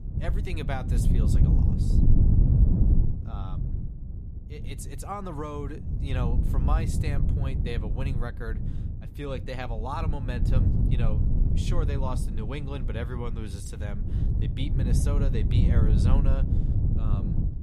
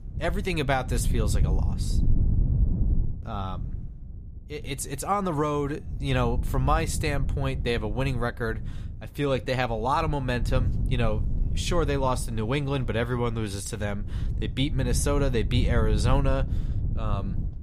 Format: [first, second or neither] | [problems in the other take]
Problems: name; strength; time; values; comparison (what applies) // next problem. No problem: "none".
second | wind noise on the microphone; heavy; 2 dB below the speech; occasional gusts in the second